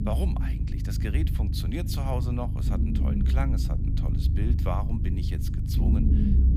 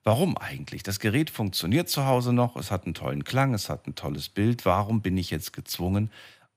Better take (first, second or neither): second